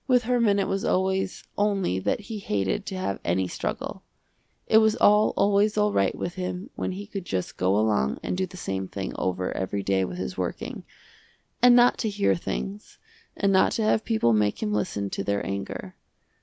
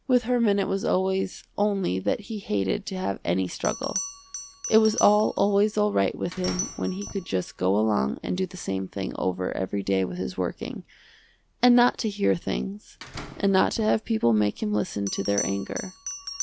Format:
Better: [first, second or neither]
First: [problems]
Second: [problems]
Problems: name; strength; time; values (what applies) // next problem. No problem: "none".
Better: first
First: none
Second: background sound (Bell + Slam); 15 dB below the speech